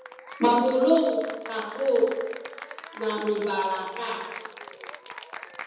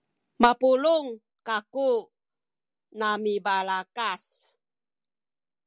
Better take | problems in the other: second | background sound (Applause / Cheering); 14 dB below the speech // room echo; dies away in 1.1 s

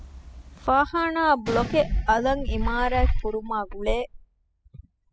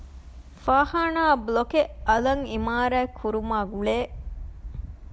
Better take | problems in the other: second | noise reduction (classical method spectral subtraction)

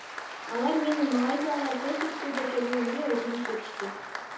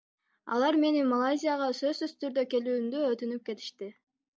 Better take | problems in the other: second | background sound (Applause); 6 dB below the speech // room echo; dies away in 0.7 s

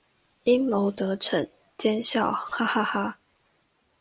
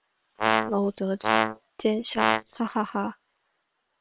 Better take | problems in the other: first | noise reduction (neural separator model SepFormer WHAM!)

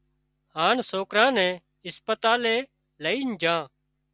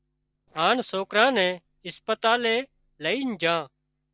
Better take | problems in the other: first | noise reduction (neural separator model SepFormer DNS4)

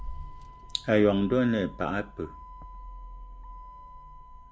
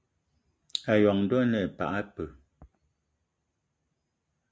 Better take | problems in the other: second | background sound (Motor vehicle (road)); 13 dB below the speech

